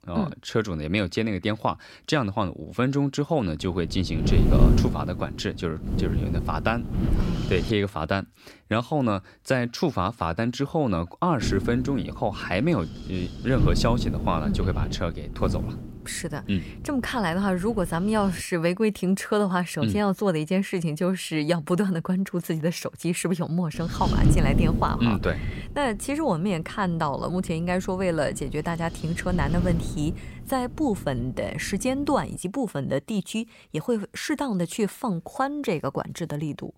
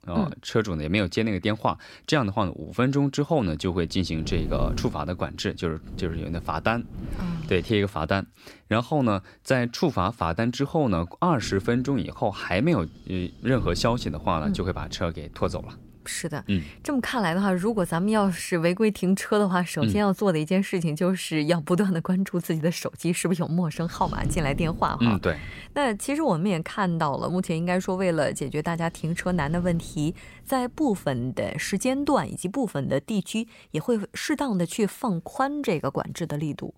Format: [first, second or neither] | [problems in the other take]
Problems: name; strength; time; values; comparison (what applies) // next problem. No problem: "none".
second | wind noise on the microphone; heavy; from 3.5 to 7.5 s, from 11 to 18 s and from 24 to 32 s; 8 dB below the speech; occasional gusts in the second